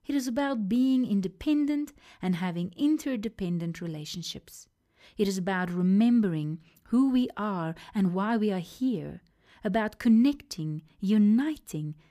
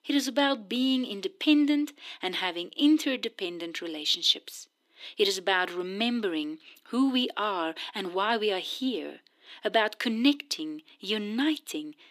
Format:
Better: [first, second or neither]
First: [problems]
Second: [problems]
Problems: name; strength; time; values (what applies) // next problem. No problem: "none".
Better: first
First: none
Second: thin; somewhat; fading below 300 Hz